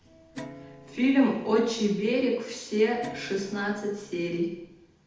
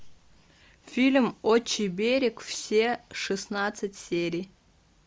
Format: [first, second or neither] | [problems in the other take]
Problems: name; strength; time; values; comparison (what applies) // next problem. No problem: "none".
second | background sound (Guitar); 19 dB below the speech // room echo; dies away in 0.8 s